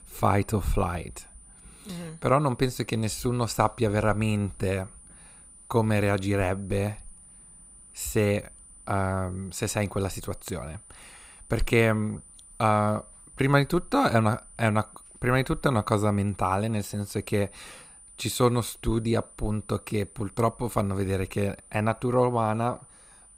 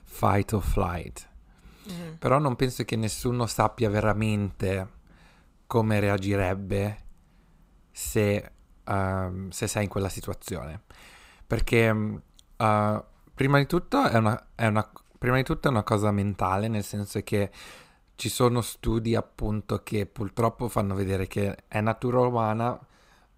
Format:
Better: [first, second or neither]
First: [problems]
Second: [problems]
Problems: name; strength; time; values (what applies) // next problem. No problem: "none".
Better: second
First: high-pitched whine; faint; throughout; 9.5 kHz, 20 dB below the speech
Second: none